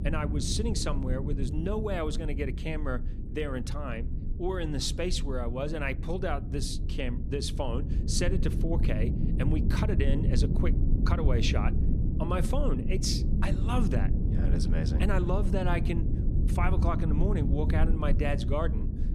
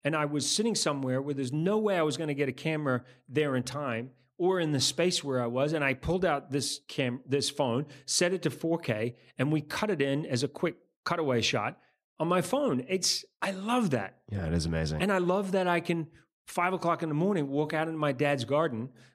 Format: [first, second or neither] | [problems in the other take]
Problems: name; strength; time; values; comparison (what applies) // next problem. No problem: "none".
second | low rumble; loud; throughout; 7 dB below the speech